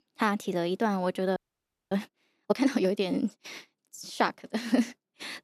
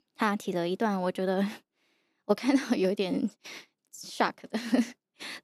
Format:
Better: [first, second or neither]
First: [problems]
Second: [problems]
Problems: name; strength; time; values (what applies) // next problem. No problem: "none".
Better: second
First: audio freezing; at 1.5 s for 0.5 s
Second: none